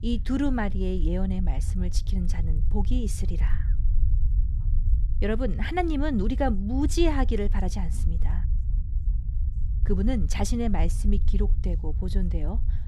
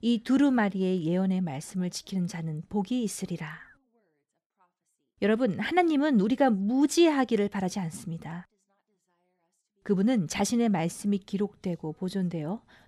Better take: second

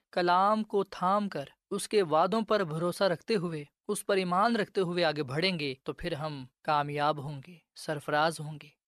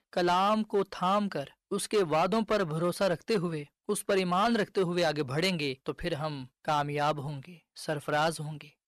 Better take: first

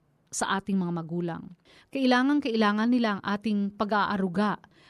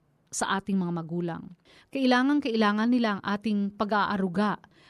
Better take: neither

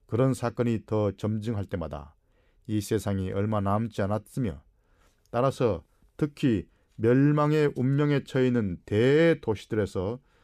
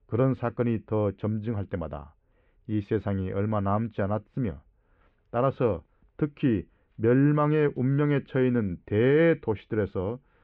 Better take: first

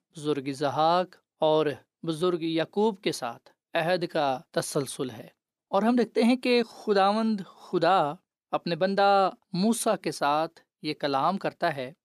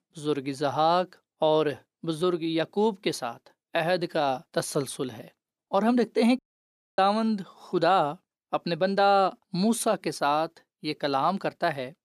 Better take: first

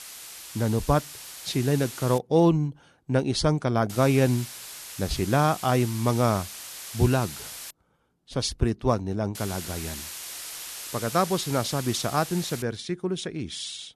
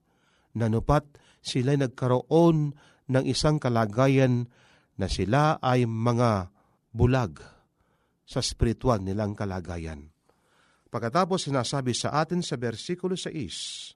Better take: second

